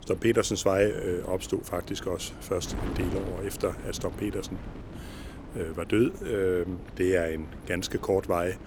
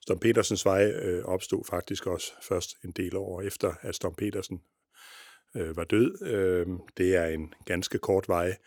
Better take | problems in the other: second | wind noise on the microphone; occasional gusts; 15 dB below the speech

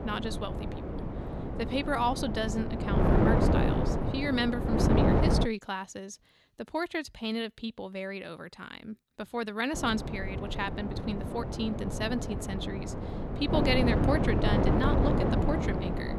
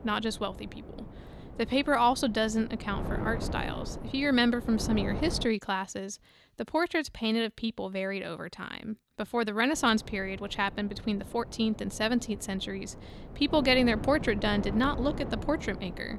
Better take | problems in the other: second | wind noise on the microphone; heavy; until 5.5 s and from 9.5 s on; as loud as the speech; occasional gusts in the second

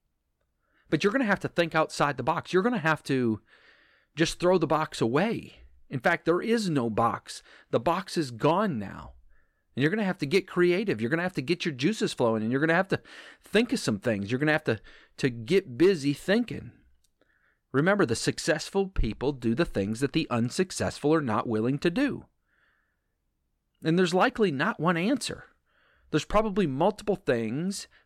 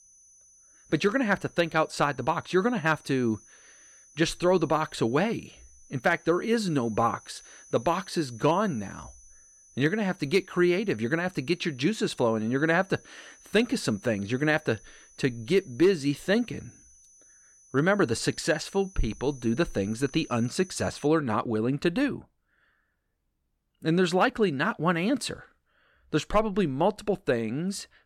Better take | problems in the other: first | high-pitched whine; faint; until 21 s; 6 kHz, 25 dB below the speech

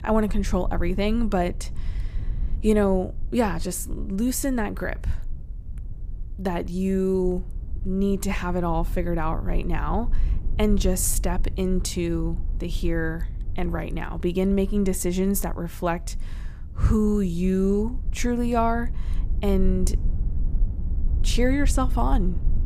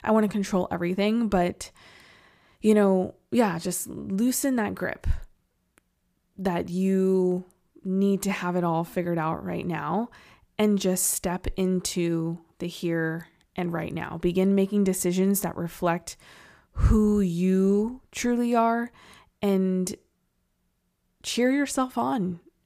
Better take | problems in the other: second | low rumble; faint; throughout; 20 dB below the speech

